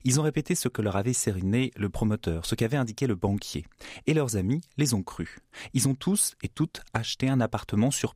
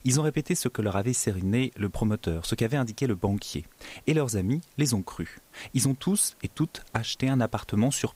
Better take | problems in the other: first | hiss; faint; throughout; 30 dB below the speech

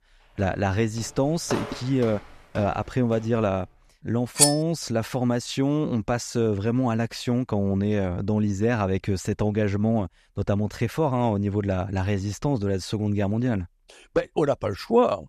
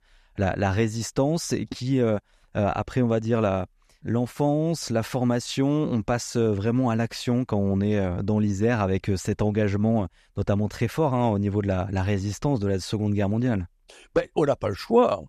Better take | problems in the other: second | footsteps; noticeable; until 3.5 s; peak 7 dB below the speech // clattering dishes; loud; at 4.5 s; peak 6 dB above the speech

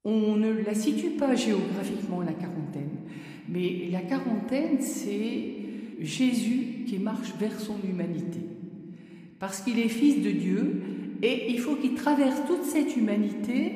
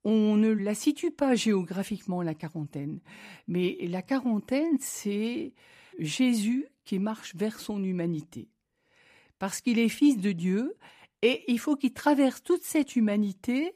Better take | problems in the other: second | room echo; slight; dies away in 2.1 s

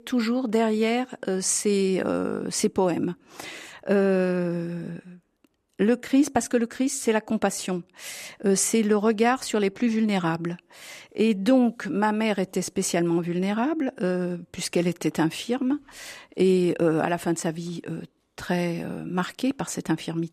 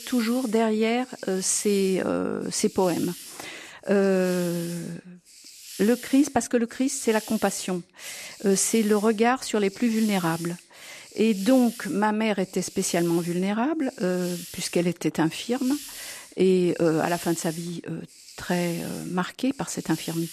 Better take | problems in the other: first | hiss; noticeable; throughout; 15 dB below the speech

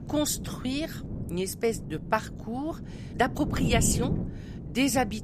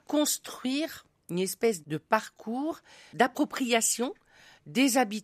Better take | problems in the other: second | wind noise on the microphone; occasional gusts; 10 dB below the speech

